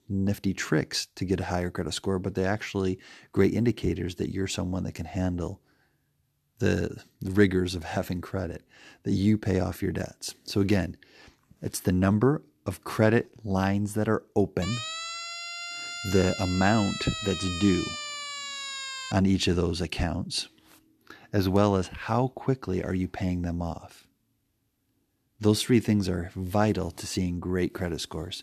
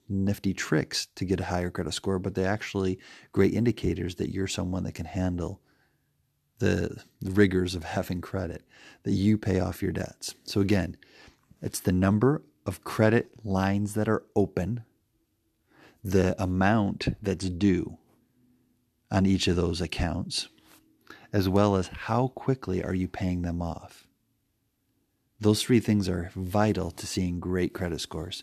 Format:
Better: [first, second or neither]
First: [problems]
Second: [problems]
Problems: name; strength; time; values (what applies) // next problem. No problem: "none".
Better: second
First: siren; noticeable; from 15 to 19 s; peak 5 dB below the speech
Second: none